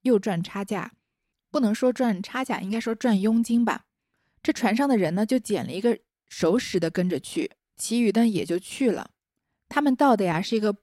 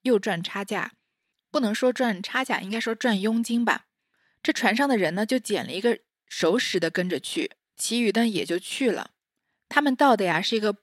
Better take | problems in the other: first | thin; very slightly; fading below 650 Hz

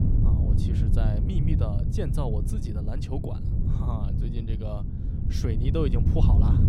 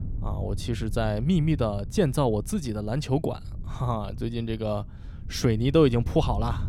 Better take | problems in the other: second | low rumble; loud; throughout; 1 dB below the speech; faint in the second

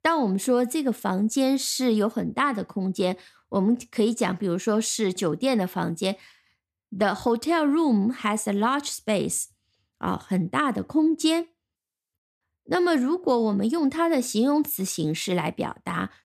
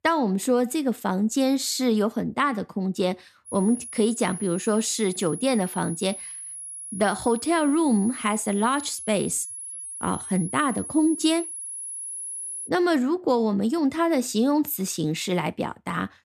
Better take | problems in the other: first | high-pitched whine; loud; from 3.5 to 13 s; 10.5 kHz, 9 dB below the speech

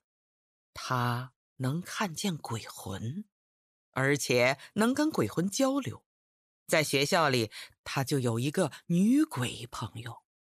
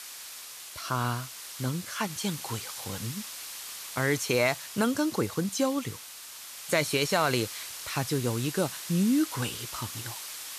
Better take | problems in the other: first | hiss; loud; throughout; 9 dB below the speech

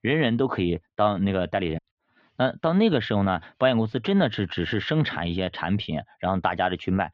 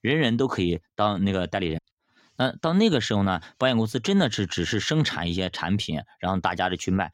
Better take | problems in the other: second | muffled; very; fading above 3.5 kHz

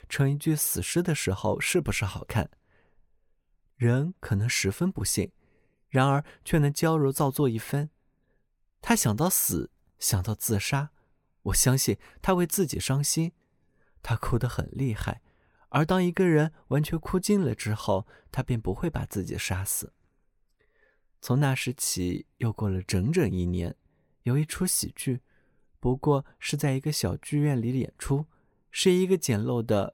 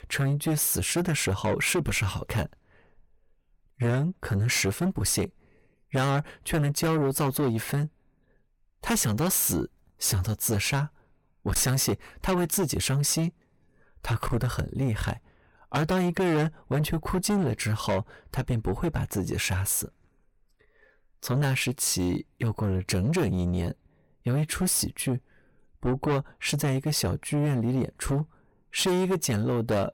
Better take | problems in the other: first | distortion; heavy; 7 dB below the speech

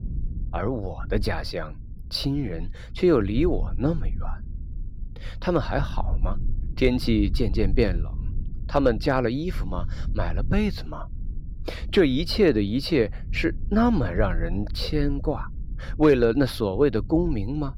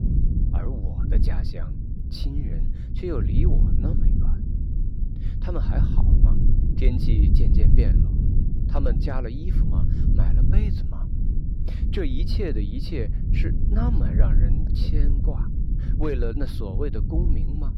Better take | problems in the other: first | low rumble; loud; throughout; 3 dB below the speech; faint in the first

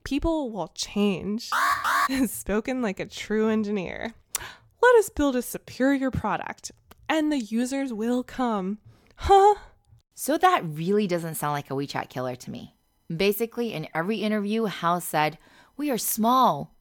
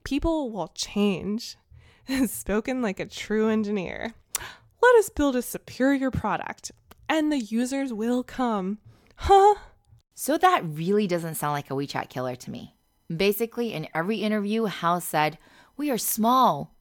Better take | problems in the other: second | alarm; loud; at 1.5 s; peak 3 dB above the speech

